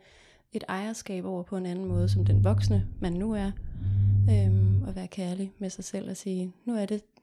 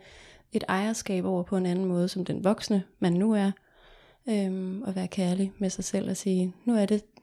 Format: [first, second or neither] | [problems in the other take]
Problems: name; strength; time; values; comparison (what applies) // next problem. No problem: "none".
second | low rumble; loud; from 2 to 5 s; 3 dB below the speech